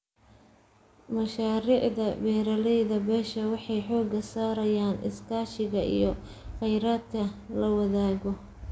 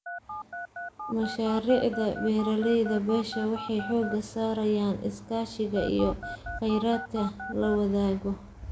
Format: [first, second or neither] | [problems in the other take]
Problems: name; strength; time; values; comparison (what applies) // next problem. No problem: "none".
first | background sound (Telephone); 11 dB below the speech